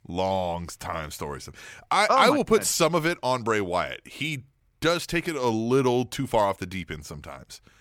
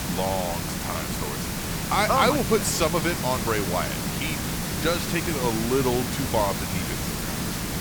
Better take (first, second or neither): first